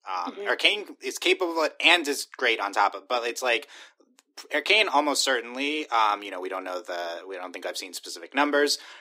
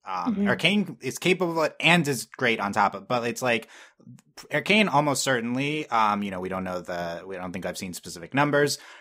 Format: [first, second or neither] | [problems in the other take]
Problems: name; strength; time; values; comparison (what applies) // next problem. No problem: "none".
second | thin; somewhat; fading below 300 Hz